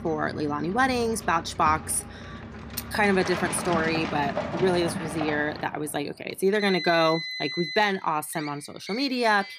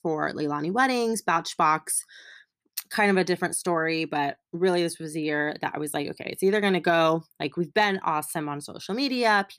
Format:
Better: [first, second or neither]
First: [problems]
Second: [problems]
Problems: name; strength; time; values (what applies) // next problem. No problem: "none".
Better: second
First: traffic noise; loud; throughout; 8 dB below the speech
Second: none